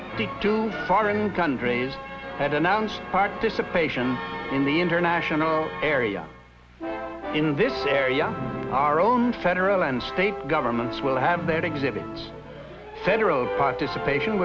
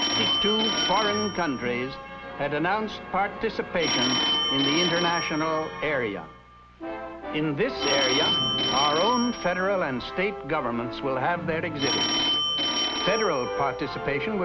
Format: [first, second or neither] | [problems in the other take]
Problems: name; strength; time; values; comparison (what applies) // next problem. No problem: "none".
first | background sound (Telephone); 2 dB below the speech